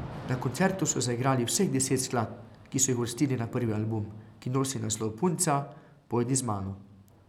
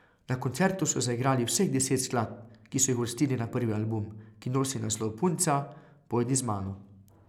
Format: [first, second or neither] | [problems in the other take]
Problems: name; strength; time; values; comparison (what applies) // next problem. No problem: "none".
second | background sound (Thunder / Rain); 19 dB below the speech